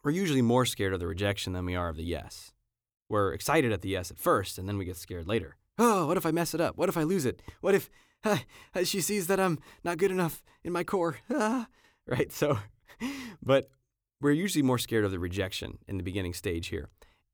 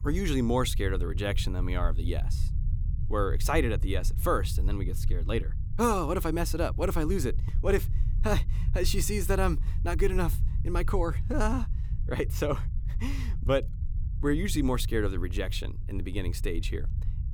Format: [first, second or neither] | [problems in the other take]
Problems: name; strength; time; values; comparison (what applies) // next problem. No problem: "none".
first | low rumble; noticeable; throughout; 20 dB below the speech